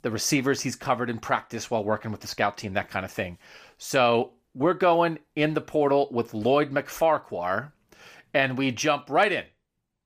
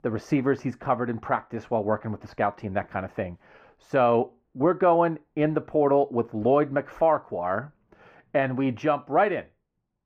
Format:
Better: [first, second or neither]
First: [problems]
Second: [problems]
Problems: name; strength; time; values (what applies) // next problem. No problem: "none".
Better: first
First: none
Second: muffled; very; fading above 3 kHz